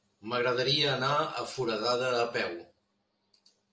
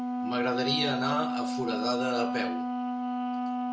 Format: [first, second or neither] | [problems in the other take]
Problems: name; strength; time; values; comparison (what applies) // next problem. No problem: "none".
first | background sound (Wind instrument, woodwind instrument); 2 dB above the speech